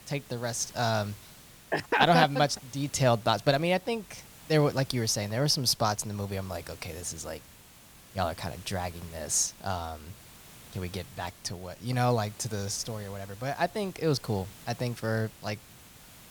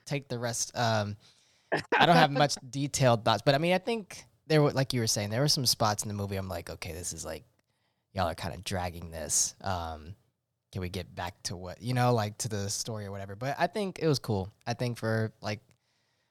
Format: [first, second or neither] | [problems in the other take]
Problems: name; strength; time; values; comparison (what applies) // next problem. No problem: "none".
second | hiss; faint; throughout; 20 dB below the speech